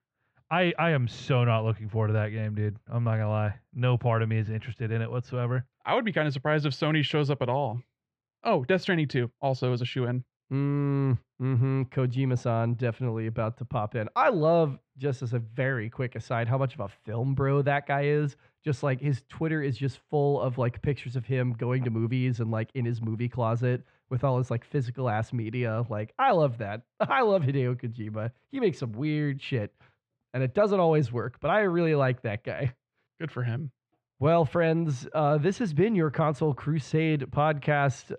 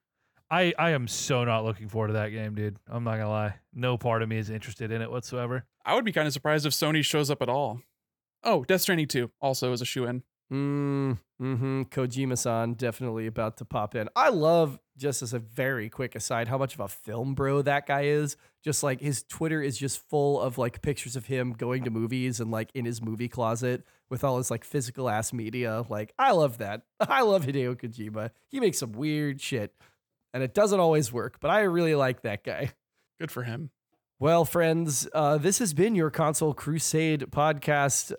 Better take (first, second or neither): second